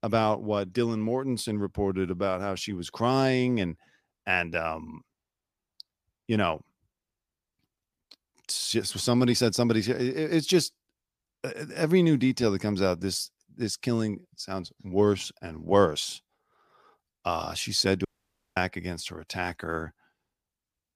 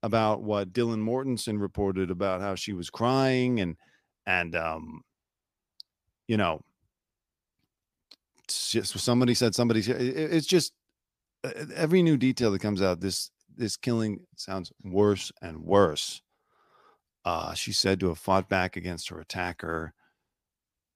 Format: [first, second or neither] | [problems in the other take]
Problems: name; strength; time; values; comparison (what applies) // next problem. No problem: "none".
second | audio cutting out; at 18 s for 0.5 s